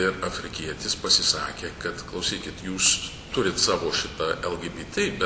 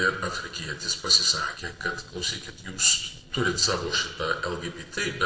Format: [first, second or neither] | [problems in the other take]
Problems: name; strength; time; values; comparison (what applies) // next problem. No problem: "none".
first | noise reduction (neural separator model SepFormer DNS4)